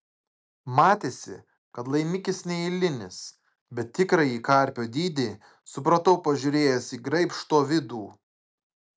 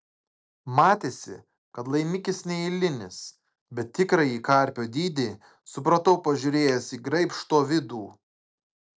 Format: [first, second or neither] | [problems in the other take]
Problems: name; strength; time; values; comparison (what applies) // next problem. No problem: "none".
first | noise reduction (neural separator model SepFormer DNS4)